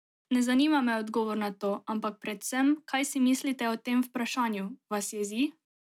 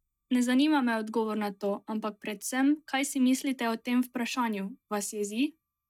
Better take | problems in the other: first | noise reduction (neural mask model DeepFilterNet 3)

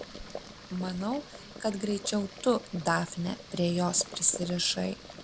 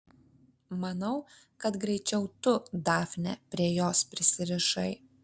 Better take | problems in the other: second | background sound (Boiling); 14 dB below the speech

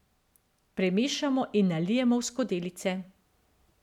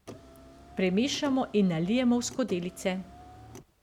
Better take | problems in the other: first | background sound (Car); 19 dB below the speech

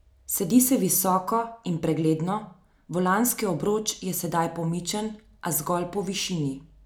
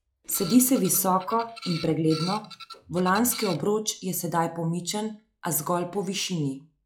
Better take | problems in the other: first | noise reduction (classical method log-MMSE)

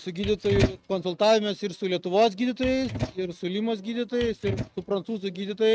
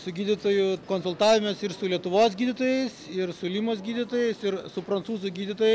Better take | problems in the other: second | noise reduction (neural mask model RNNoise)

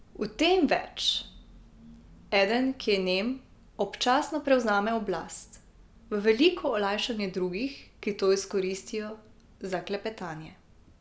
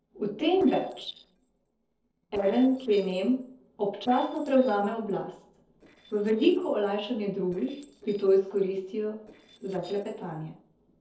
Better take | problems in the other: first | noise reduction (neural separator model SepFormer DNS4)

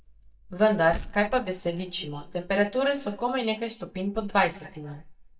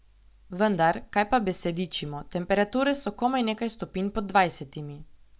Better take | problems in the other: second | noise reduction (neural mask model DeepFilterNet 3)

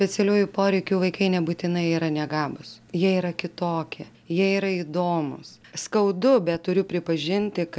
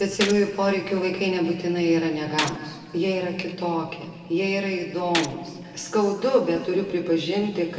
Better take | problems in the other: first | background sound (Gunshot, gunfire); 12 dB below the speech // room echo; dies away in 2.2 s

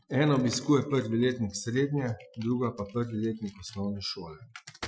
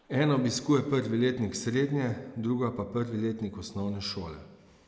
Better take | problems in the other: second | noise reduction (classical method Wiener filter)

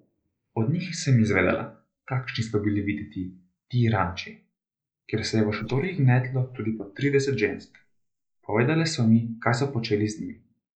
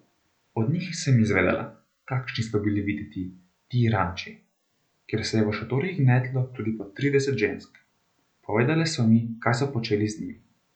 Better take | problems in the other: second | noise reduction (neural mask model Resemble Enhance denoiser)

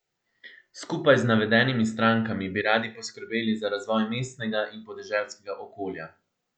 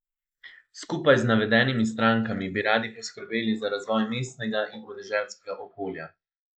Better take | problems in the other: first | noise reduction (neural mask model Resemble Enhance denoiser)

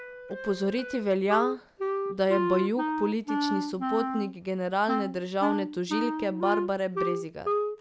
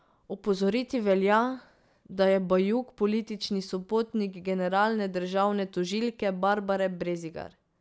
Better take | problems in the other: second | background sound (Wind instrument, woodwind instrument); 2 dB below the speech

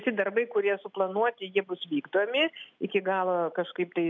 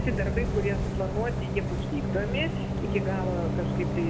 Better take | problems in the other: first | background sound (Bus); 4 dB above the speech // room echo; dies away in 0.9 s

